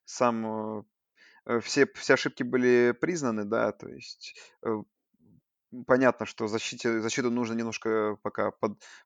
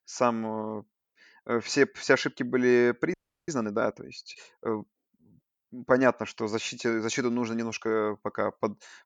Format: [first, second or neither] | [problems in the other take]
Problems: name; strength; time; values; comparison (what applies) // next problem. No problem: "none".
first | audio freezing; at 3 s